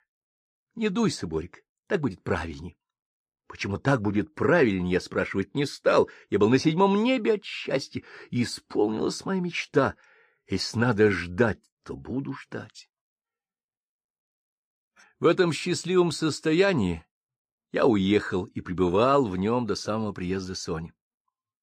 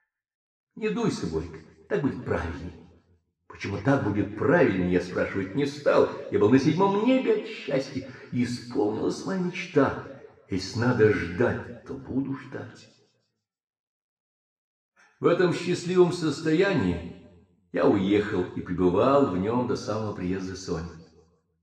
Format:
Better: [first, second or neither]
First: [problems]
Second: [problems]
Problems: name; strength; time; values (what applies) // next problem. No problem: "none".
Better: first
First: none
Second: room echo; slight; dies away in 0.9 s // off-mic speech; far